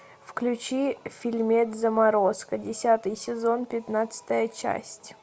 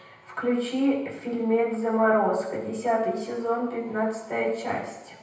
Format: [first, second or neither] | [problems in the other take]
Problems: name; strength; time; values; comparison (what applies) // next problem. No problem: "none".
first | room echo; dies away in 0.9 s